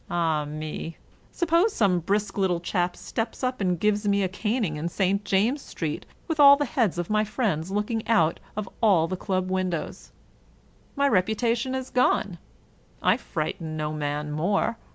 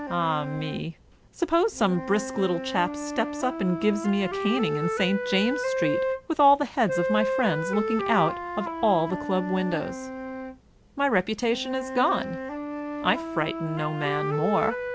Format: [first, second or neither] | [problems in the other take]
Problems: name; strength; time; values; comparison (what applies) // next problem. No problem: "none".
first | background sound (Wind instrument, woodwind instrument); 5 dB below the speech